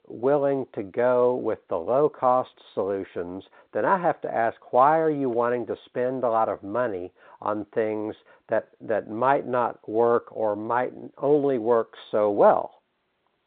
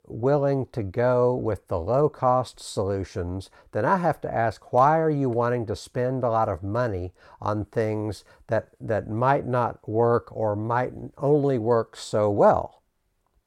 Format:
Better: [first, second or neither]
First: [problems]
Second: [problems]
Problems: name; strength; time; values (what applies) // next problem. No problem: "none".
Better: second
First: phone-call audio; nothing above 3.5 kHz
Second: none